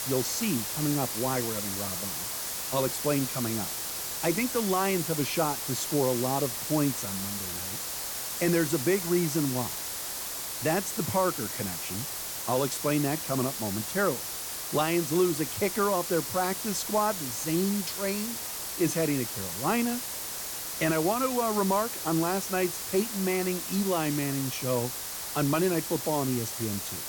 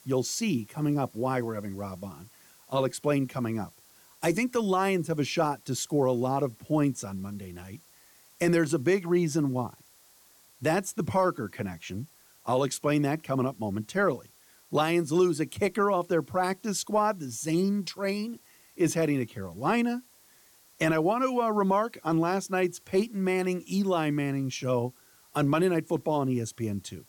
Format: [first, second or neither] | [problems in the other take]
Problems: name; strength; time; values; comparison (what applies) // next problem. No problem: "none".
second | hiss; loud; throughout; 3 dB below the speech; faint in the second